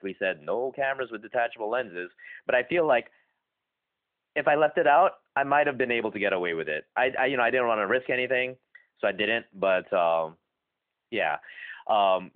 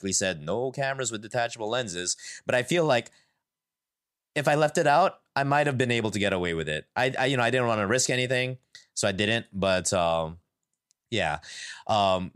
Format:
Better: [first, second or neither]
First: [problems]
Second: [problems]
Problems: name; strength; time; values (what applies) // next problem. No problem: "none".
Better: second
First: phone-call audio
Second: none